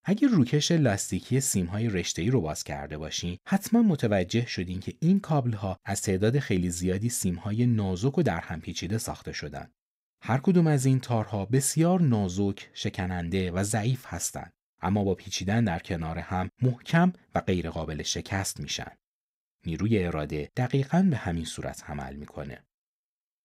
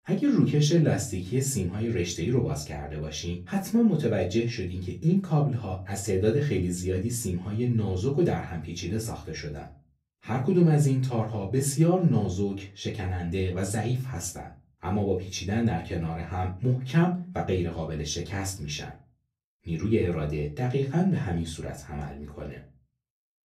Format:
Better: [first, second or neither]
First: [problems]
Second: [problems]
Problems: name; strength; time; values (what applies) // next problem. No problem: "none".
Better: first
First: none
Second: off-mic speech; far // room echo; very slight; dies away in 0.3 s